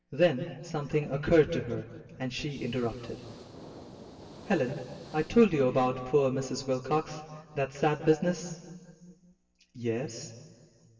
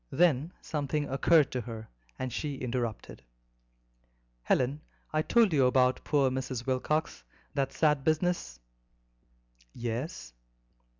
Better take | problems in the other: second | background sound (Hiss); 19 dB below the speech // room echo; dies away in 2 s

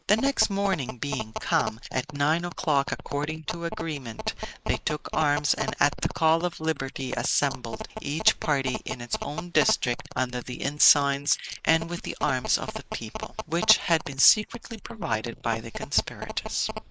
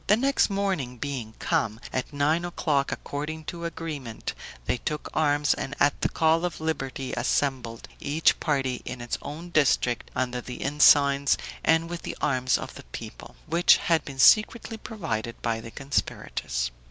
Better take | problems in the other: second | noise reduction (neural mask model Resemble Enhance denoiser)

